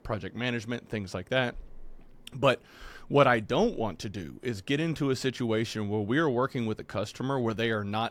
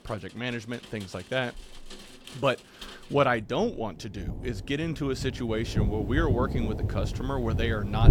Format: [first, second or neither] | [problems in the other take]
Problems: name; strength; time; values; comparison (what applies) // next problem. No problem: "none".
first | rain or running water; loud; throughout; 2 dB below the speech